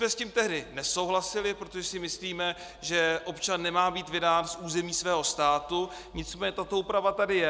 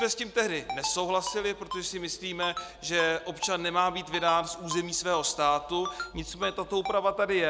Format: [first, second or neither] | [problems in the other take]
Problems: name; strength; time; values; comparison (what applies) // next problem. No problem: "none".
first | background sound (Ringtone); 12 dB below the speech